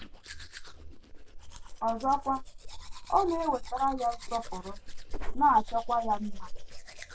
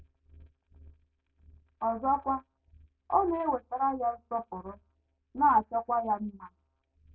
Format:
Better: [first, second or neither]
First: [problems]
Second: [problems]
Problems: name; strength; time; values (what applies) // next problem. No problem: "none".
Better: second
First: background sound (Domestic sounds, home sounds); 5 dB below the speech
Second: none